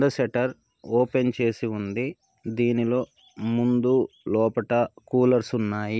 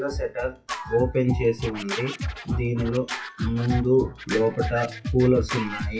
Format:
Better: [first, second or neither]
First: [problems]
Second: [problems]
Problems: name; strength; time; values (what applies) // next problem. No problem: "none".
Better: first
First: none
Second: noise reduction (classical method WPE with log-MMSE)